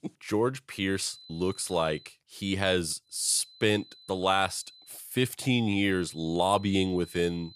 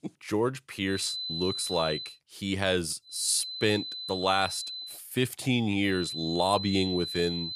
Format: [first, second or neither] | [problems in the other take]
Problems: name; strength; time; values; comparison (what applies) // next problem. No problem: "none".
first | high-pitched whine; loud; from 1 to 2 s, from 3 to 5 s and from 6 s on; 4 kHz, 6 dB below the speech; faint in the first